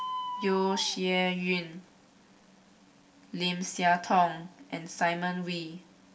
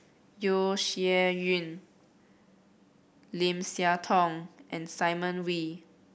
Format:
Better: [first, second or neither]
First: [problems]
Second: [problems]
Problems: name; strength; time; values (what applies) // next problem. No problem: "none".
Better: second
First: background sound (Bird); 13 dB below the speech // room echo; dies away in 0.2 s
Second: none